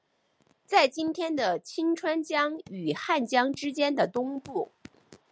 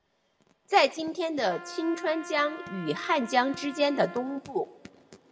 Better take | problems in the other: first | background sound (Trumpet); 15 dB below the speech // room echo; dies away in 1.2 s

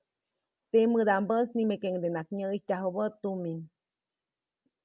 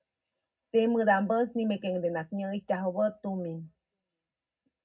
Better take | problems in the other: first | room echo; dies away in 0.3 s

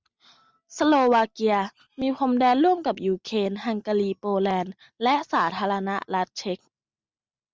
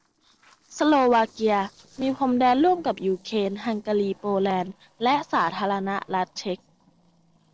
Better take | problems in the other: first | noise reduction (neural separator model SepFormer DNS4)

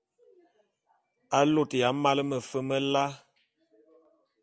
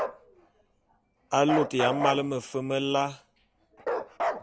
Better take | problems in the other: first | background sound (Bark); 5 dB below the speech

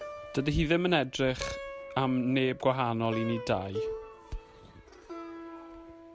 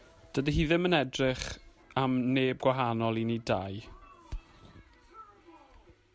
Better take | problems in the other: second | background sound (Plucked string instrument); 11 dB below the speech

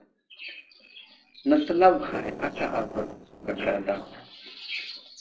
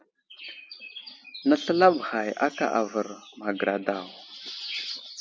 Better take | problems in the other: second | noise reduction (neural separator model SepFormer DNS4)

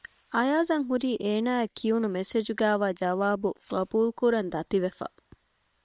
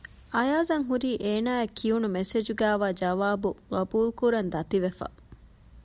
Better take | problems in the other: second | noise reduction (neural separator model SepFormer WHAM!)

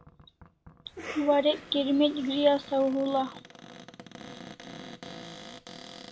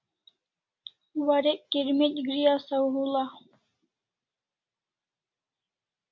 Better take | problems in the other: second | background sound (Cough + Cupboard open or close); 15 dB below the speech

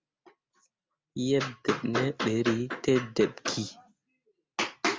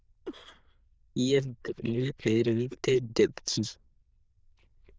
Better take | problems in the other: first | noise reduction (neural diffusion model UNIVERSE++)

